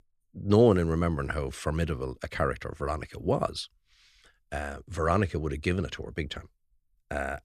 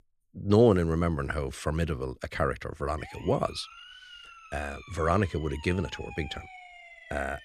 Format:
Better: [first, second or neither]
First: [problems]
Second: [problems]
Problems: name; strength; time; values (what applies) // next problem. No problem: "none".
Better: first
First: none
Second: siren; faint; from 3 s on; peak 15 dB below the speech